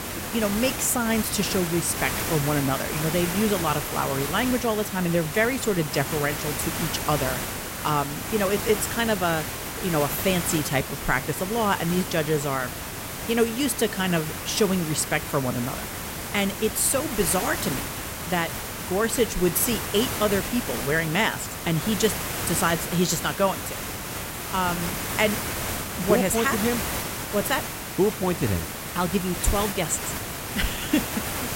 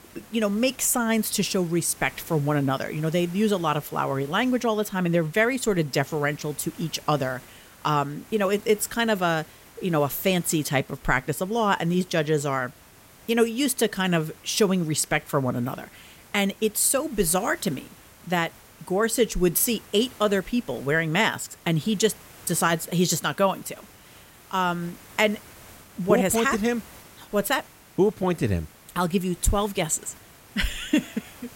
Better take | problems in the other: second | hiss; loud; throughout; 4 dB below the speech; faint in the second

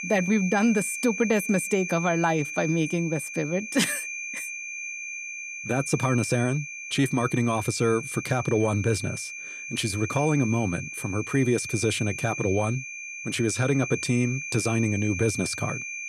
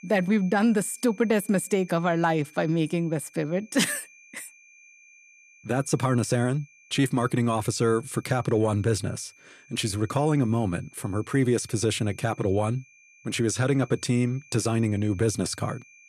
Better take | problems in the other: second | high-pitched whine; loud; throughout; 2.5 kHz, 7 dB below the speech; faint in the second

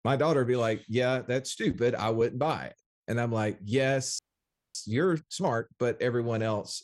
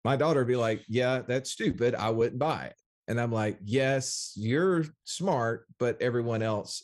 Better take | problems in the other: second | audio freezing; at 4 s for 0.5 s

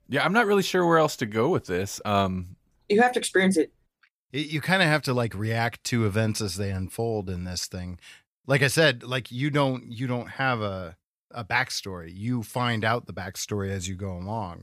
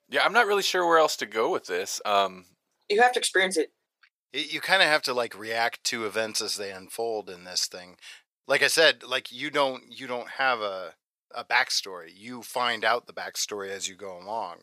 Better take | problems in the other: first | thin; very; fading below 550 Hz

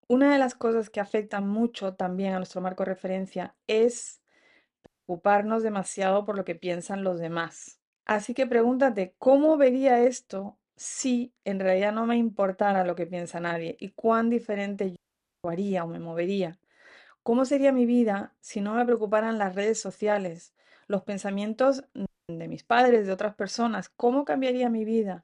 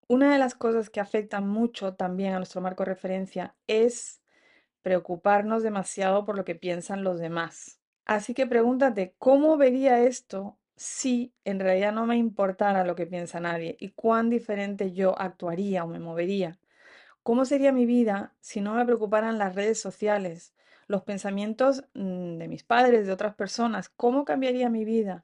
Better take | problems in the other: second | audio cutting out; at 5 s, at 15 s and at 22 s

